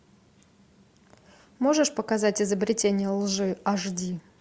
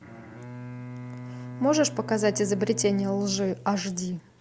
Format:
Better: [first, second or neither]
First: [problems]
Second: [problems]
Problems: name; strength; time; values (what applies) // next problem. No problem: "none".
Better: first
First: none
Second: background sound (Bowed string instrument); 12 dB below the speech